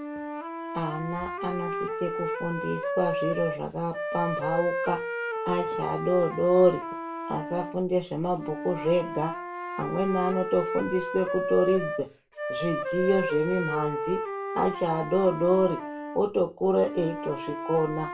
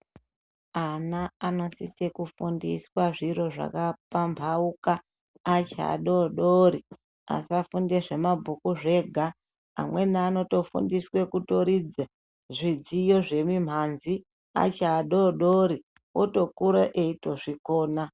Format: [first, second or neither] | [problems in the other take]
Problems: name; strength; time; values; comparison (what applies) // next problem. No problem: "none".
second | background sound (Wind instrument, woodwind instrument); 5 dB below the speech // room echo; dies away in 0.2 s